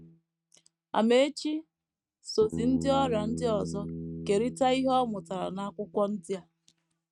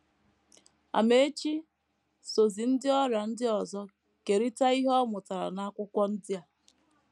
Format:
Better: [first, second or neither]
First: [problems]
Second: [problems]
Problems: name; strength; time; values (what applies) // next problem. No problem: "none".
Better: second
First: noise reduction (neural mask model RNNoise)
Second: none